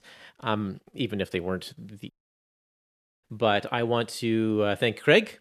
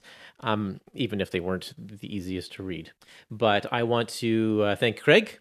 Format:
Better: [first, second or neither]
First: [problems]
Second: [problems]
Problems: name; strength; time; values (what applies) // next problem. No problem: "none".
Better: second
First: audio cutting out; at 2 s for 1 s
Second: none